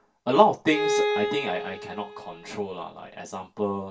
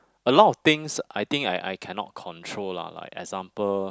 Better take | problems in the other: second | background sound (Bowed string instrument); 3 dB below the speech // room echo; dies away in 0.2 s

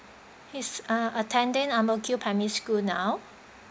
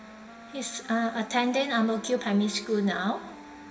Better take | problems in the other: first | background sound (Wind instrument, woodwind instrument); 19 dB below the speech // room echo; dies away in 2.2 s

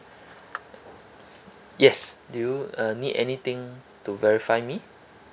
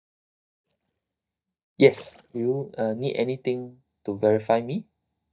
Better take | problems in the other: first | noise reduction (neural mask model DeepFilterNet 3)

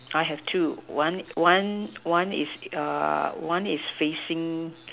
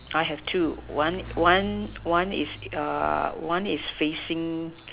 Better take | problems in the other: first | background sound (Mechanisms / Bicycle); 16 dB below the speech

